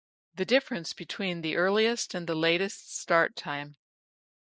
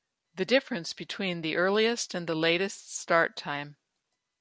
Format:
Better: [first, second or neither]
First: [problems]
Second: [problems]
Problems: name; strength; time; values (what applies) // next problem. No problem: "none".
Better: second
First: noise reduction (neural mask model Resemble Enhance denoiser)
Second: none